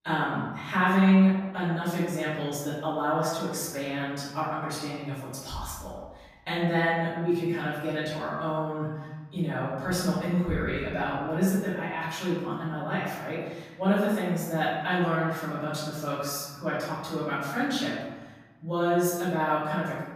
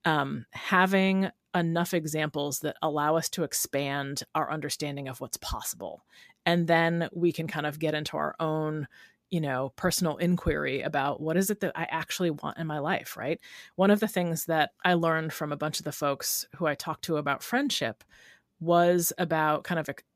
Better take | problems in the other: second | room echo; strong; dies away in 1.3 s // off-mic speech; far

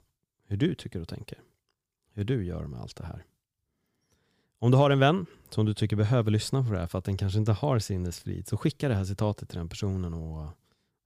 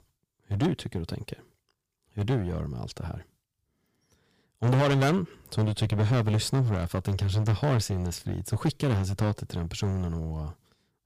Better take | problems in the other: first | distortion; heavy; 10% of the sound clipped

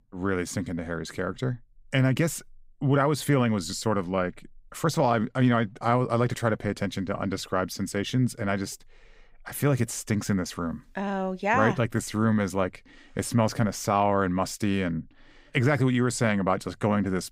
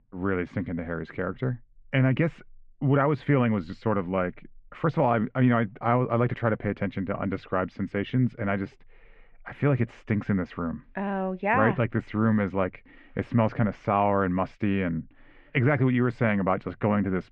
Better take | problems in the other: first | muffled; very; fading above 2.5 kHz

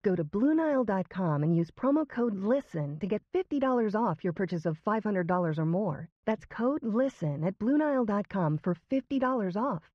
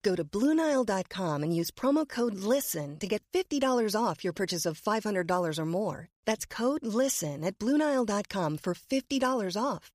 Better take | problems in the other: second | muffled; very; fading above 1.5 kHz

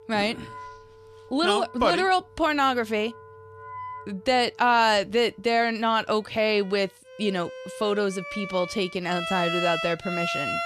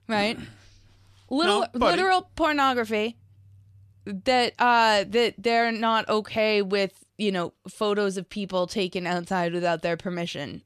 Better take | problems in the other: second | background music; loud; throughout; 8 dB below the speech

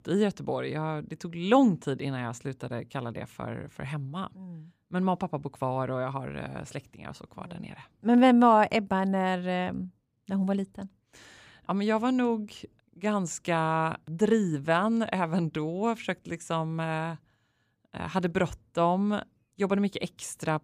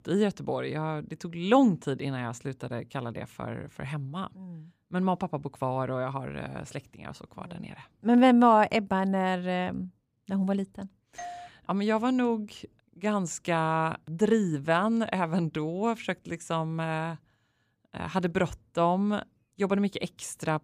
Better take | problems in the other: first | doorbell; faint; at 11 s; peak 15 dB below the speech

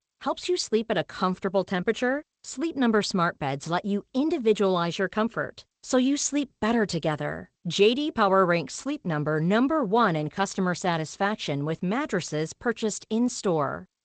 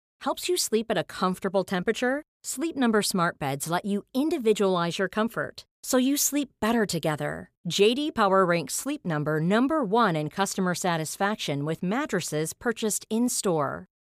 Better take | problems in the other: second | garbled, watery; slightly; nothing above 8 kHz

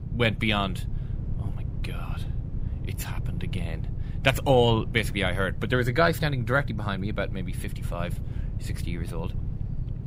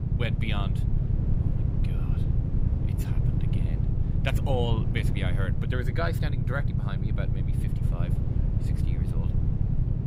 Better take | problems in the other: first | low rumble; loud; throughout; 5 dB below the speech; faint in the first

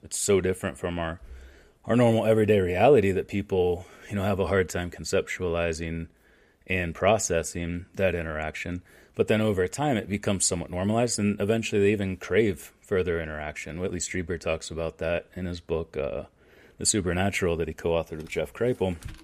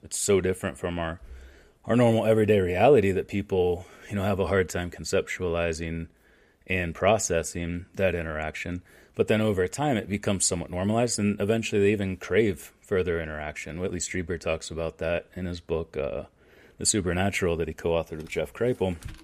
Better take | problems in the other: neither | none

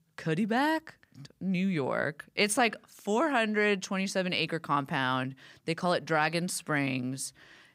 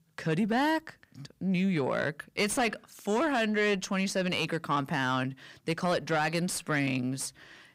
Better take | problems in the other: first | distortion; slight; 10 dB below the speech

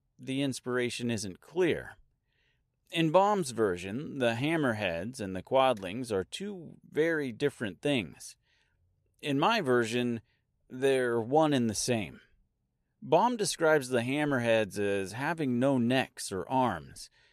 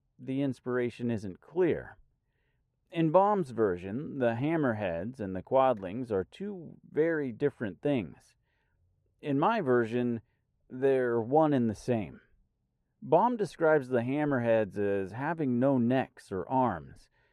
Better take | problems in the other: first | muffled; very; fading above 2.5 kHz

